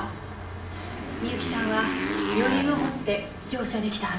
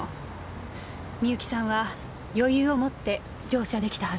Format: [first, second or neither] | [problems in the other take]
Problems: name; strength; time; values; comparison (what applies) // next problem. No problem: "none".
second | background sound (Motorcycle); 3 dB below the speech // room echo; dies away in 0.5 s